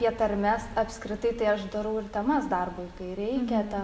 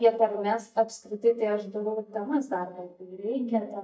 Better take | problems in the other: first | noise reduction (neural mask model DeepFilterNet 3)

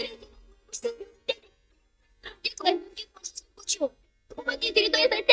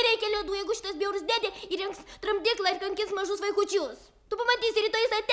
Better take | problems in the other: second | noise reduction (neural mask model DeepFilterNet 3)

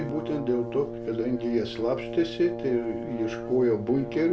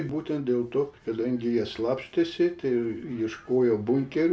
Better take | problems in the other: second | background sound (Brass instrument); 8 dB below the speech

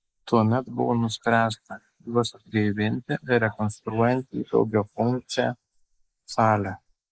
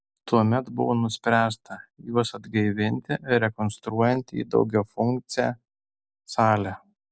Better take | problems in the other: second | noise reduction (neural mask model Resemble Enhance denoiser)

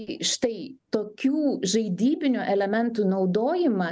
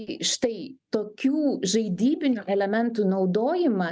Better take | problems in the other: first | noise reduction (neural mask model DeepFilterNet 3)

